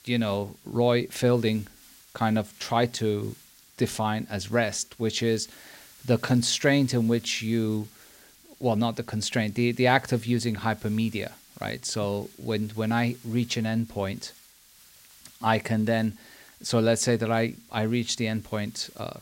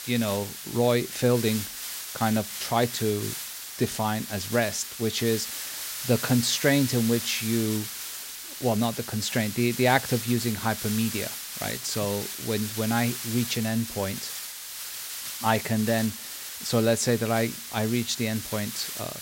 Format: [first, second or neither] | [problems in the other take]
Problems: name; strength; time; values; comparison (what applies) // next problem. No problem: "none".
first | hiss; loud; throughout; 6 dB below the speech; faint in the first